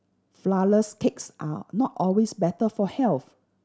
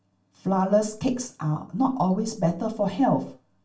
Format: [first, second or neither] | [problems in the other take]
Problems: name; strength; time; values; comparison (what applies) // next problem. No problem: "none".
first | room echo; dies away in 0.3 s